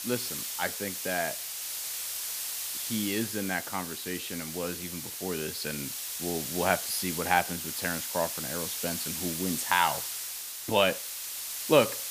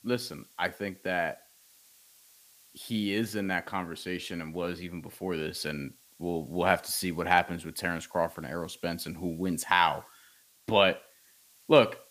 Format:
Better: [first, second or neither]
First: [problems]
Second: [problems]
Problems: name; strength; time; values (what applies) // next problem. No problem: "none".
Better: second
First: hiss; loud; throughout; 3 dB below the speech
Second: hiss; faint; throughout; 25 dB below the speech